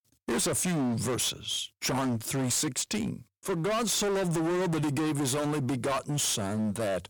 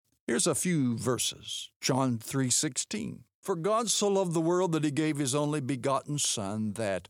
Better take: second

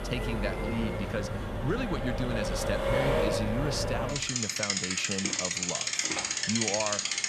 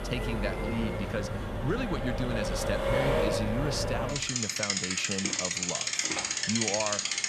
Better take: neither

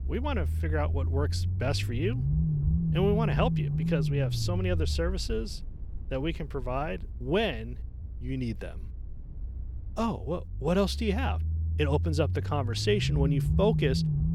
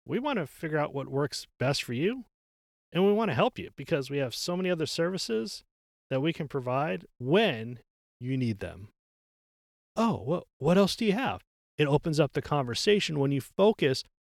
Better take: second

